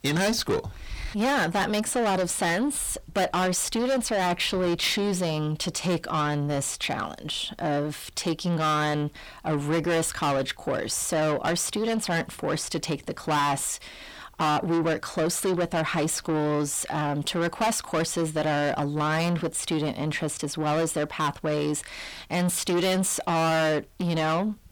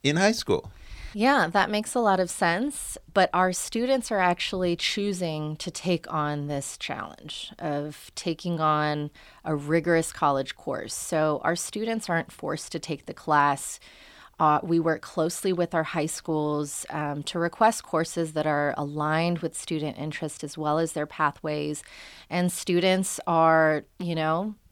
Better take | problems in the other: second | distortion; heavy; 6 dB below the speech

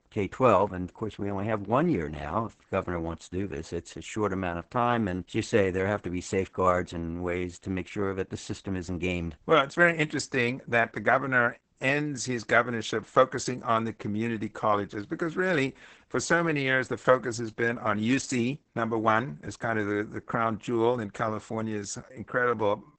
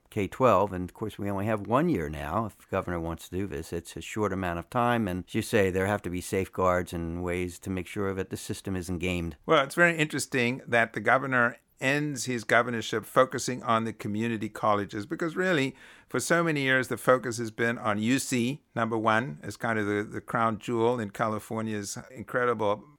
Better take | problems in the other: second | garbled, watery; badly; nothing above 8 kHz

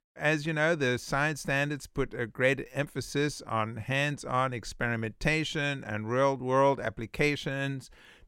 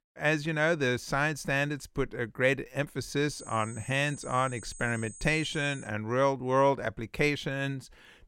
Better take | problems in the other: first | high-pitched whine; noticeable; from 3.5 to 6 s; 8 kHz, 15 dB below the speech

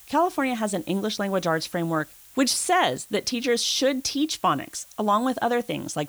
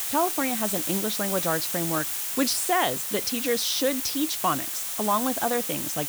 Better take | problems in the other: first | hiss; loud; throughout; as loud as the speech; faint in the first

